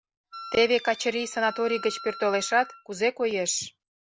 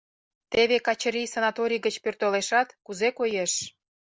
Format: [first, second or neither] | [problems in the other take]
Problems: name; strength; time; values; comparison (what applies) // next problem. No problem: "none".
second | background sound (Wind instrument, woodwind instrument); 15 dB below the speech